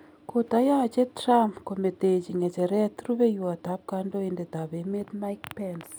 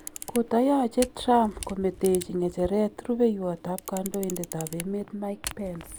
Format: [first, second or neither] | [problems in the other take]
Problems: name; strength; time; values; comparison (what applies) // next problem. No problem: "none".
first | background sound (Camera); 15 dB below the speech